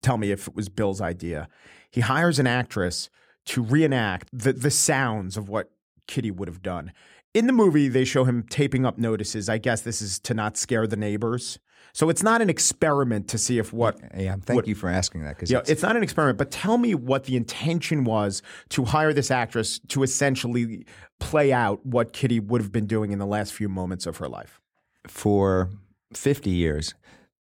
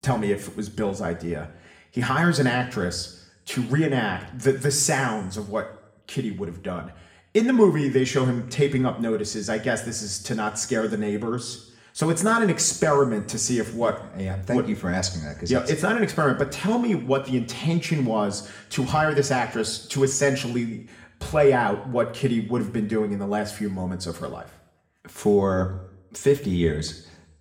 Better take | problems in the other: first | room echo; slight; dies away in 0.6 s

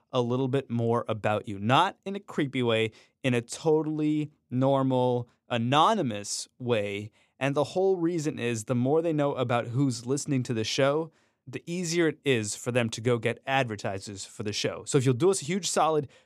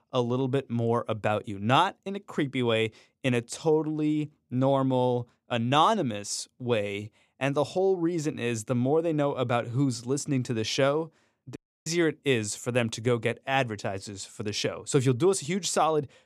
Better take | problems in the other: first | audio cutting out; at 12 s

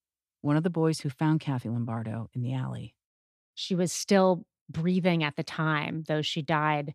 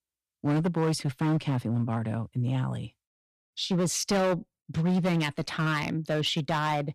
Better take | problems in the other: first | distortion; heavy; 10% of the sound clipped

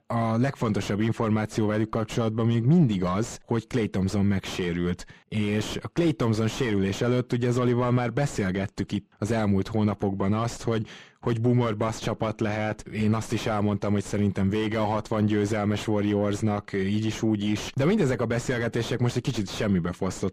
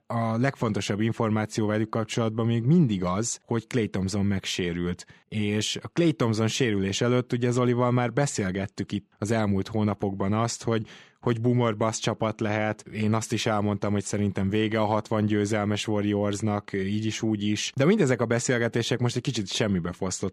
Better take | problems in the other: second | distortion; slight; 8 dB below the speech

